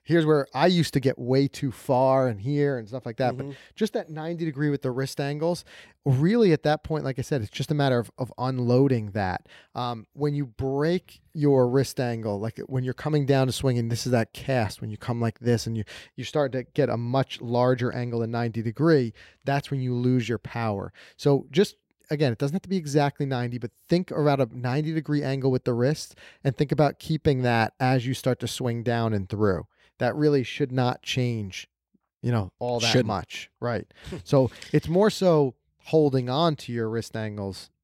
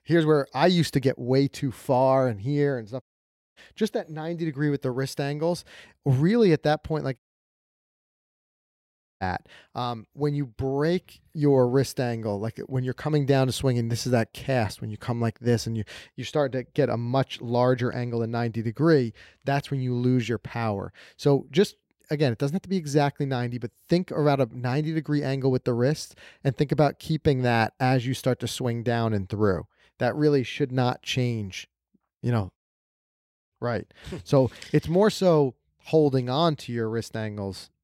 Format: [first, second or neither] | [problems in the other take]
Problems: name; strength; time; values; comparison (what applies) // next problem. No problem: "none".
first | audio cutting out; at 3 s for 0.5 s, at 7 s for 2 s and at 33 s for 1 s